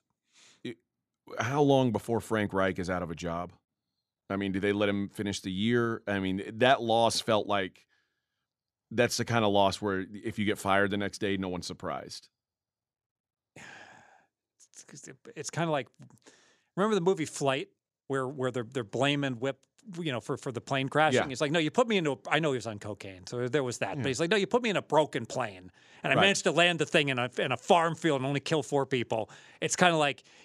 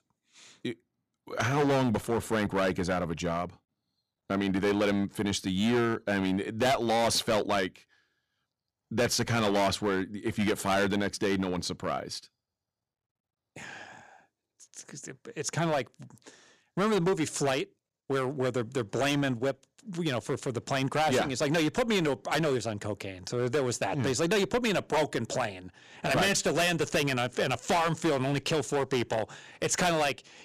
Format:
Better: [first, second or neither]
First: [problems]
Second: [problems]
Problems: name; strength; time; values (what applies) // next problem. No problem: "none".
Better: first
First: none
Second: distortion; heavy; 10% of the sound clipped